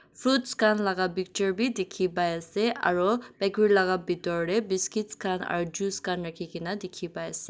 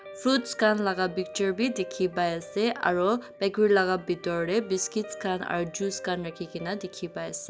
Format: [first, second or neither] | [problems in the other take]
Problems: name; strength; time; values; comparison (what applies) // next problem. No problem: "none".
first | background sound (Guitar); 17 dB below the speech